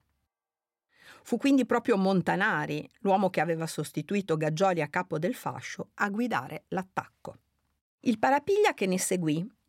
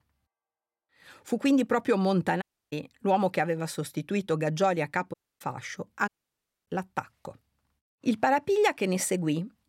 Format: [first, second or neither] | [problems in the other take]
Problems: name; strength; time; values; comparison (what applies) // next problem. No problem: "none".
first | audio cutting out; at 2.5 s, at 5 s and at 6 s for 0.5 s